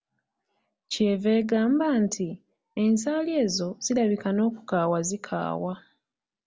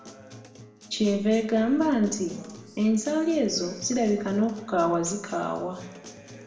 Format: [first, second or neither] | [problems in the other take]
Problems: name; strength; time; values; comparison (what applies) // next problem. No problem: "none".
first | background sound (Acoustic guitar); 20 dB below the speech // room echo; dies away in 0.9 s